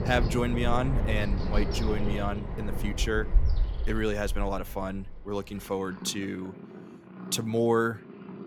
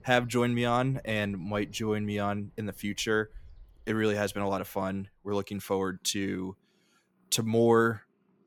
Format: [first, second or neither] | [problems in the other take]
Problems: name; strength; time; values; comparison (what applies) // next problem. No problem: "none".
second | animal sounds; loud; throughout; 2 dB below the speech; faint in the second